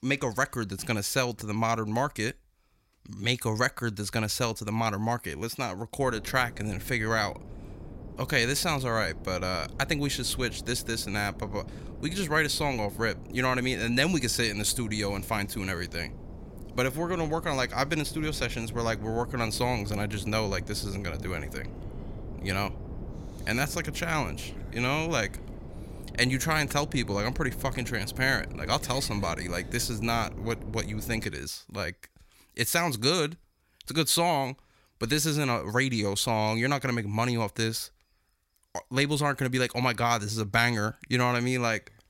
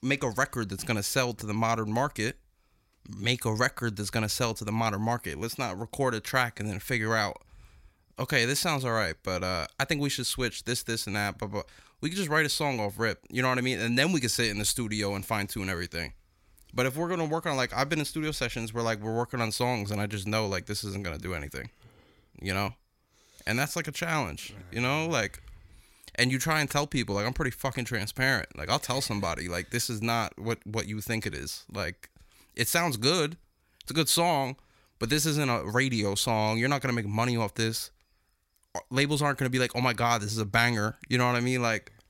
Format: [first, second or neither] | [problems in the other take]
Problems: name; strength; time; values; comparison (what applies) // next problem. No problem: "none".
second | wind noise on the microphone; occasional gusts; from 6 to 31 s; 20 dB below the speech